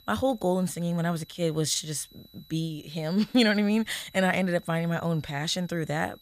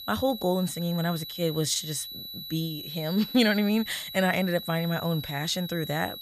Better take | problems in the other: first | high-pitched whine; loud; throughout; 4 kHz, 10 dB below the speech; faint in the first

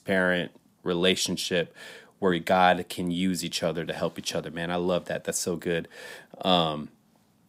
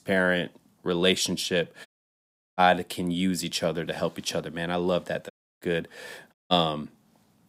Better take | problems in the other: first | audio cutting out; at 2 s for 0.5 s, at 5.5 s and at 6.5 s

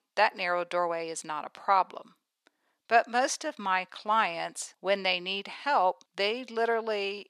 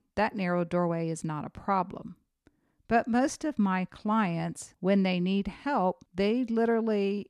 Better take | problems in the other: second | thin; very; fading below 700 Hz

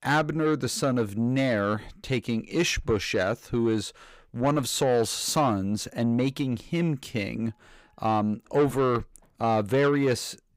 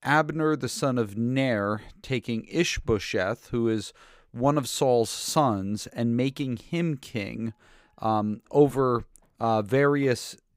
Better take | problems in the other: second | distortion; slight; 10 dB below the speech

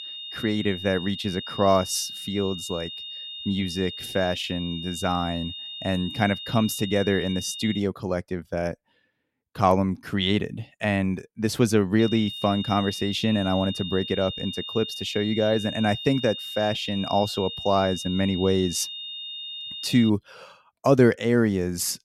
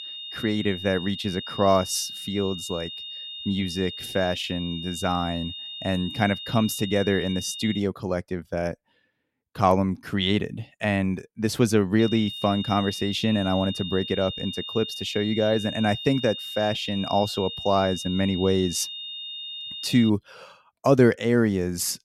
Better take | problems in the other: neither | high-pitched whine; loud; until 8 s and from 12 to 20 s; 3.5 kHz, 8 dB below the speech; the same in both

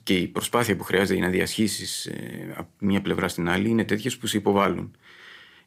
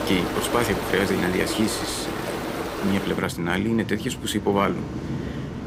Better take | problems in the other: first | rain or running water; loud; throughout; 5 dB below the speech

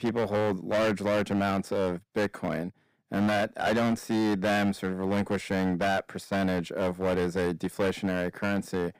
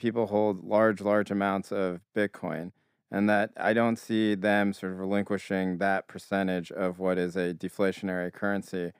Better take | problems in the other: second | distortion; heavy; 15% of the sound clipped

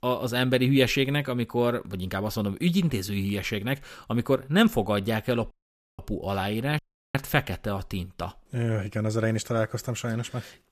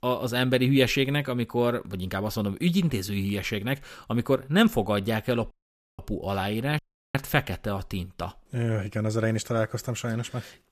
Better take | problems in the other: neither | audio cutting out; at 5.5 s and at 7 s; the same in both

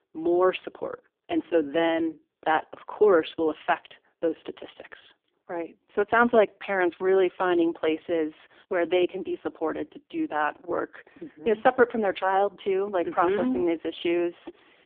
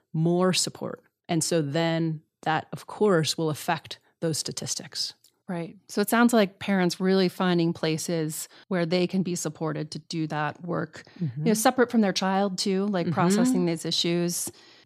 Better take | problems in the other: second | phone-call audio; poor line

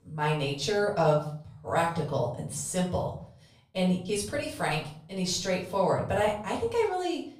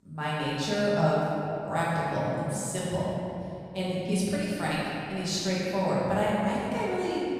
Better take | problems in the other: first | room echo; strong; dies away in 2.7 s; slight in the first // off-mic speech; far; far in the first

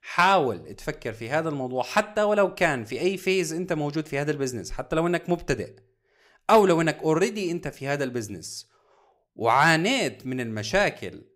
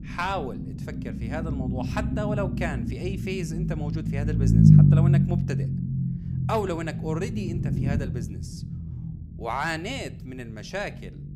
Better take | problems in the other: first | low rumble; loud; throughout; 1 dB below the speech

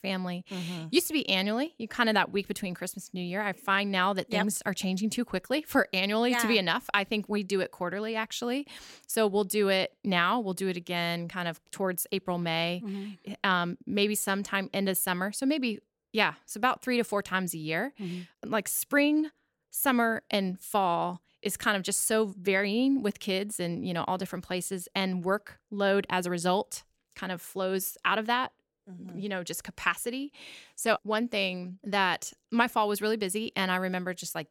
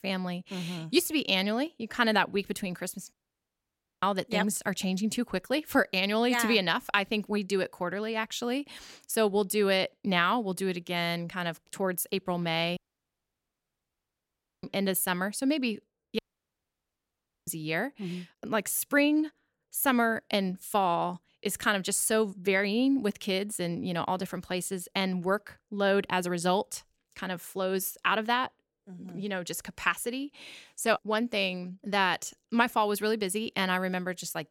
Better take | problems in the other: first | audio cutting out; at 3 s for 1 s, at 13 s for 2 s and at 16 s for 1.5 s

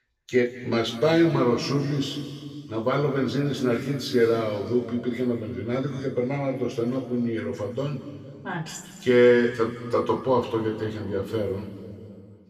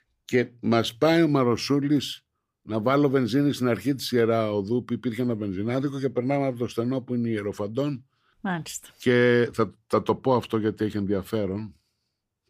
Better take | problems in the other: second | room echo; noticeable; dies away in 2.2 s // off-mic speech; far

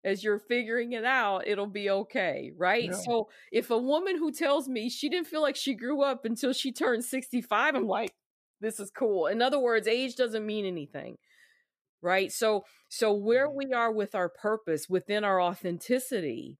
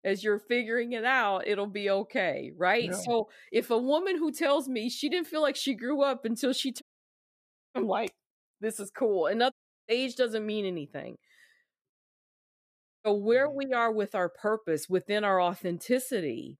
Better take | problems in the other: first | audio cutting out; at 7 s for 1 s, at 9.5 s and at 12 s for 1 s

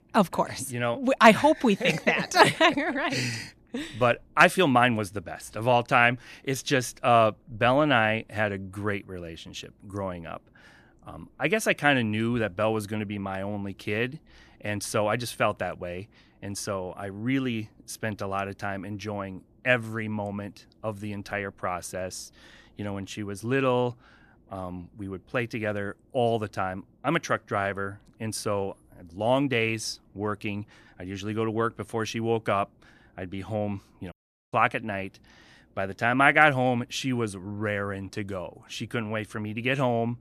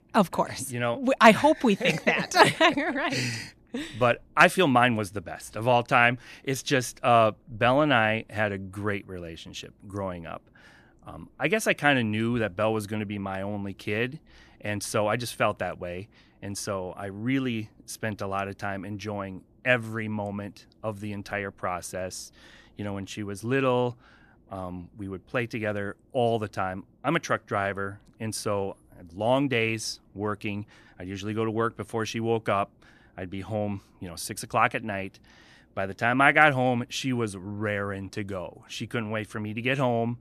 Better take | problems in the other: second | audio cutting out; at 34 s

